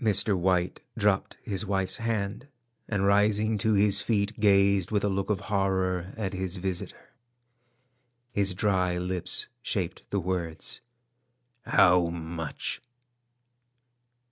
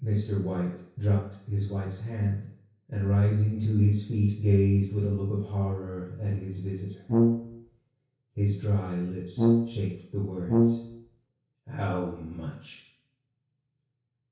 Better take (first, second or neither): first